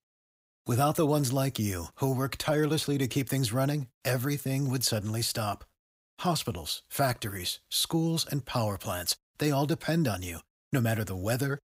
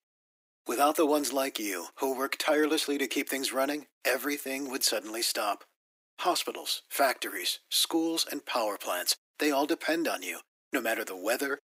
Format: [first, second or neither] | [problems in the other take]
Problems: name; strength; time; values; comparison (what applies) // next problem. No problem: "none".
first | thin; somewhat; fading below 300 Hz